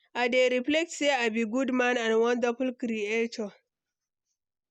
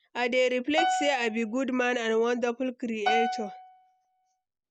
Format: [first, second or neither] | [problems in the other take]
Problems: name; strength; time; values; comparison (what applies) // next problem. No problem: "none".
first | background sound (Piano); 3 dB below the speech